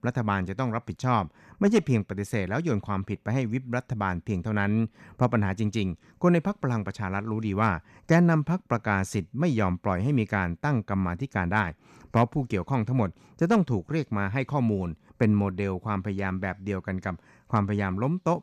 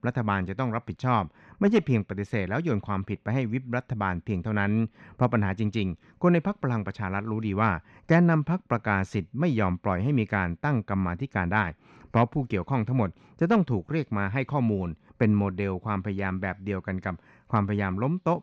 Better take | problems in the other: first | muffled; slightly; fading above 3.5 kHz

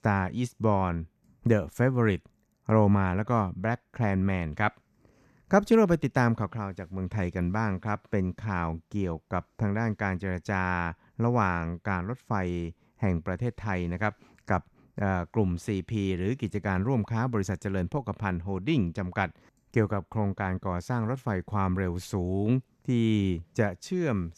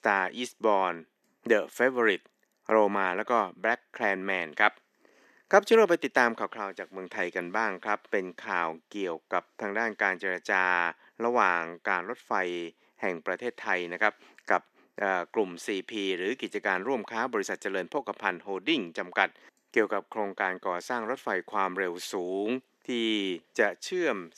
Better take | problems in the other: first | thin; very; fading below 300 Hz

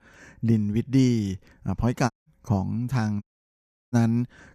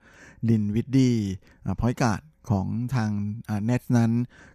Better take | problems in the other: second | audio cutting out; at 2 s and at 3 s for 0.5 s

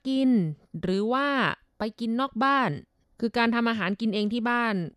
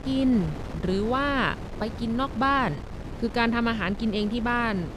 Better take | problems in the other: first | wind noise on the microphone; occasional gusts; 15 dB below the speech

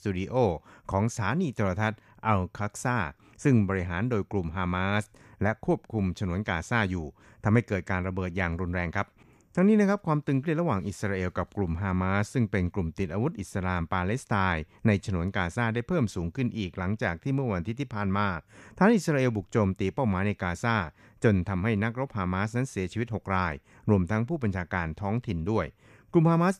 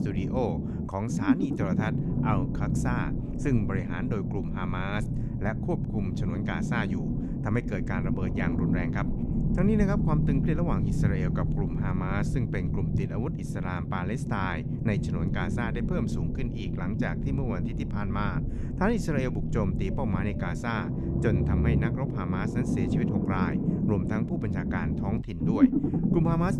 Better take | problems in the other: first | low rumble; loud; throughout; 2 dB below the speech

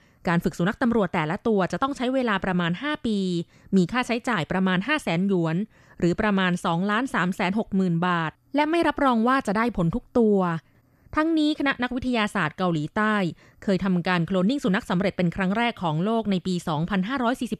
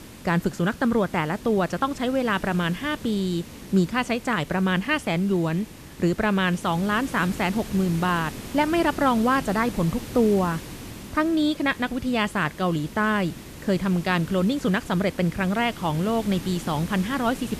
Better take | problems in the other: first | hiss; noticeable; throughout; 15 dB below the speech

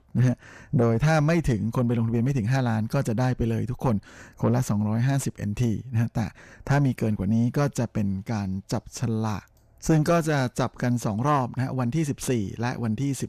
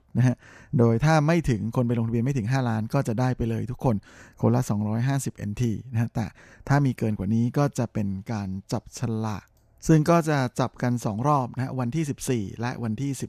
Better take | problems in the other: second | distortion; slight; 10 dB below the speech

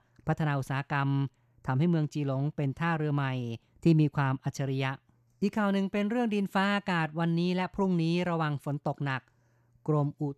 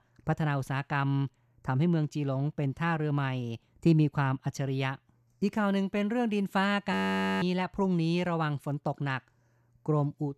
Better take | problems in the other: first | audio freezing; at 7 s

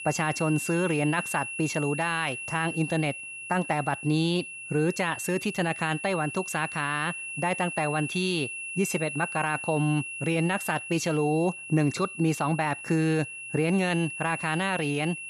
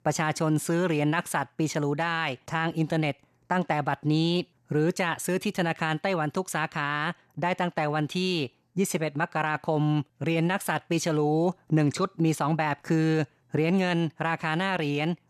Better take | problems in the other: second | high-pitched whine; loud; throughout; 2.5 kHz, 7 dB below the speech

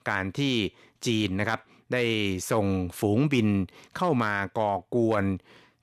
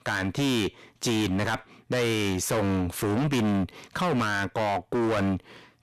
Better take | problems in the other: first | distortion; heavy; 24% of the sound clipped

